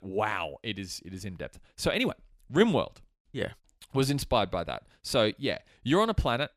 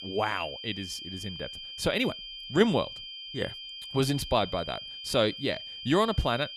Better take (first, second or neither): first